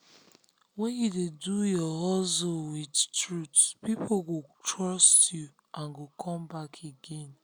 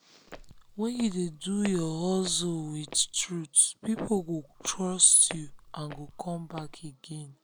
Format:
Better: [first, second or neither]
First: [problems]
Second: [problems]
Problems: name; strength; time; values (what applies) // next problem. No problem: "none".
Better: first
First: none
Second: background sound (Walk, footsteps); 17 dB below the speech